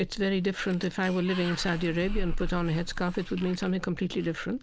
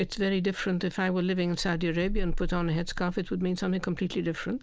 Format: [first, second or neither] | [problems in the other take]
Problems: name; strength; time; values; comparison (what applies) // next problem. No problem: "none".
second | background sound (Sliding door); 18 dB below the speech